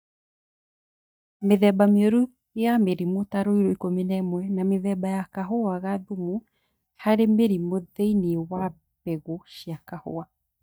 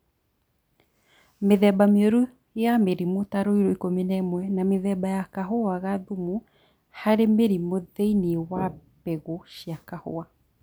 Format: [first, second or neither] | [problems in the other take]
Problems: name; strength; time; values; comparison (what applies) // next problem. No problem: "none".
second | noise reduction (neural mask model DeepFilterNet 3)